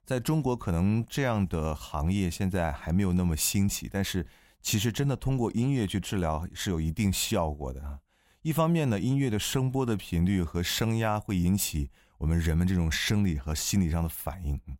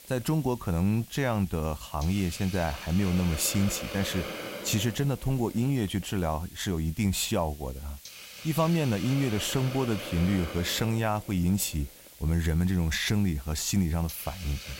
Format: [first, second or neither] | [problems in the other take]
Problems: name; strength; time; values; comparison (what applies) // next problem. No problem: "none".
first | hiss; noticeable; throughout; 15 dB below the speech